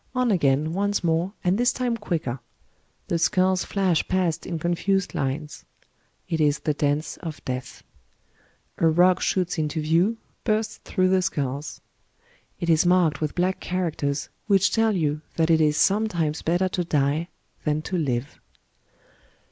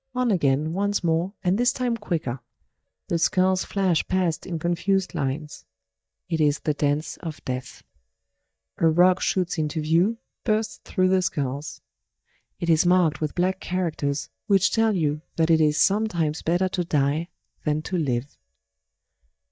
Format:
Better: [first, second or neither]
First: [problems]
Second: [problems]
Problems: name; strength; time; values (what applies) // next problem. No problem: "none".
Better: first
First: none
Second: noise reduction (neural mask model DeepFilterNet 3)